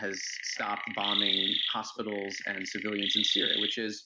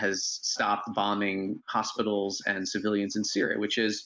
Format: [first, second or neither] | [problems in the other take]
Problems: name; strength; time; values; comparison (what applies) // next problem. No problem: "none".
second | background sound (Chirp, tweet); 3 dB above the speech